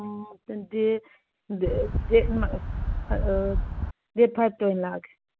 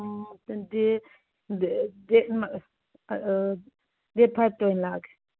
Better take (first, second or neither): second